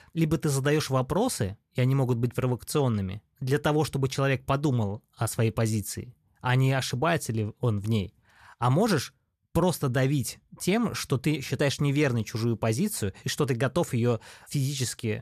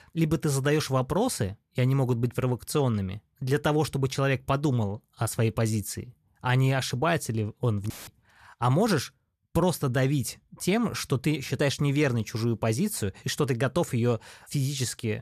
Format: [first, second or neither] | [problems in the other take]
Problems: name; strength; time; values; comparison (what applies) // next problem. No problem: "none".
first | audio cutting out; filled with static; at 8 s